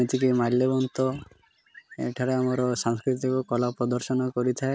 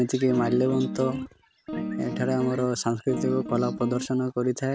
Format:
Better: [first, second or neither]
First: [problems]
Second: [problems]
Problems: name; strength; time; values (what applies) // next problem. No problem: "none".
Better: first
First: none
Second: background sound (Guitar); 6 dB below the speech